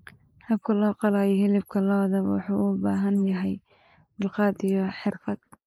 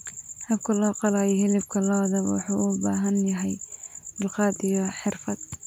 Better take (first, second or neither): second